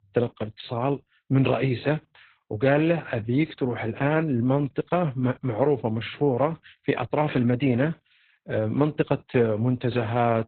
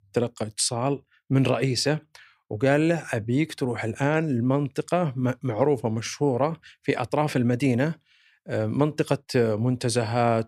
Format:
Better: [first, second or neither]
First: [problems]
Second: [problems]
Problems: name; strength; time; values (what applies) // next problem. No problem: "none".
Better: second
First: garbled, watery; badly; nothing above 4 kHz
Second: none